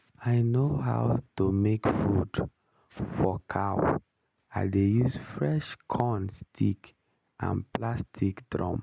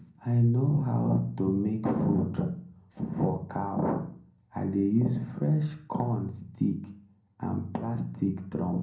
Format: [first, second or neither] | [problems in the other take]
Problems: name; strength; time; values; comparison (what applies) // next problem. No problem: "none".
first | room echo; dies away in 0.6 s